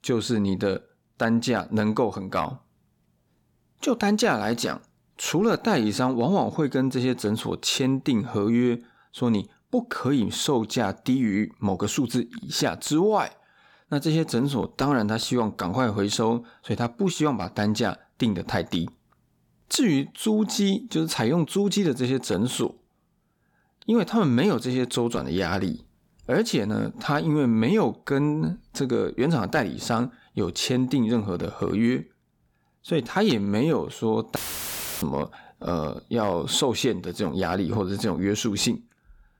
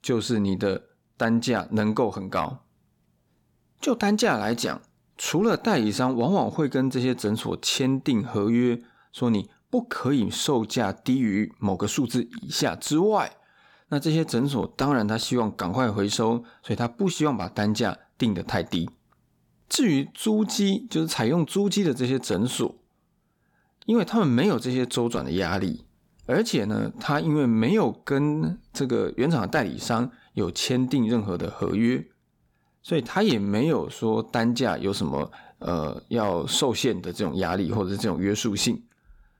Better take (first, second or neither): second